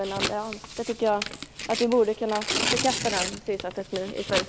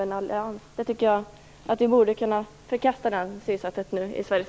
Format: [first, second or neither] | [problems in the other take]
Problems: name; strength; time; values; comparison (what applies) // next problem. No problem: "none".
second | background sound (Tearing); 4 dB below the speech